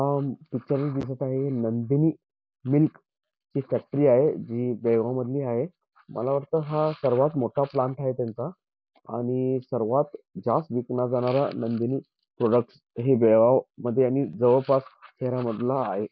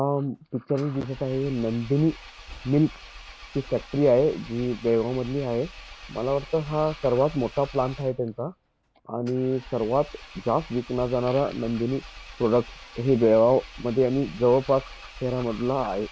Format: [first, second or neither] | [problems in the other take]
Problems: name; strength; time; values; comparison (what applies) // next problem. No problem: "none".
first | background sound (Engine); 18 dB below the speech